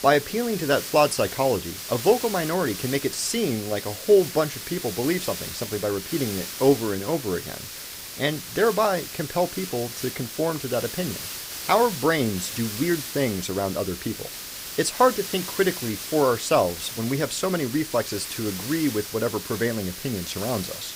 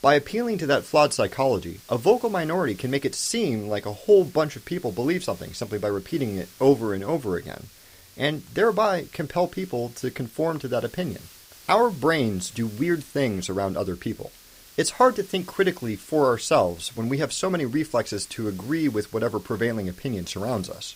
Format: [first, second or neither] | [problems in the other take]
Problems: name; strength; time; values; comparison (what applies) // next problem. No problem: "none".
second | hiss; loud; throughout; 8 dB below the speech; faint in the second